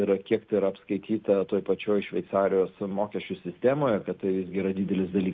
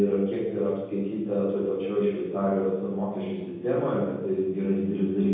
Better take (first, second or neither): first